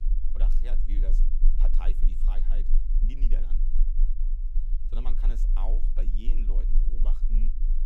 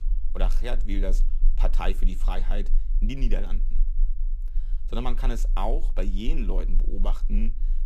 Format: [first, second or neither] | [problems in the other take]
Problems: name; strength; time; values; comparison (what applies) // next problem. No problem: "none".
second | low rumble; loud; throughout; 8 dB below the speech; faint in the second